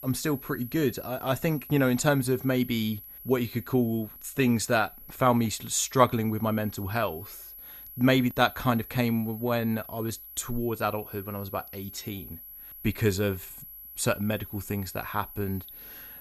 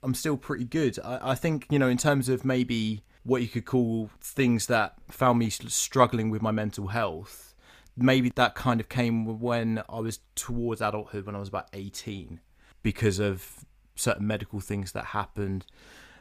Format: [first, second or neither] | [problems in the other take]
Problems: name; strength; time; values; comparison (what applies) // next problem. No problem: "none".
second | high-pitched whine; noticeable; throughout; 11.5 kHz, 15 dB below the speech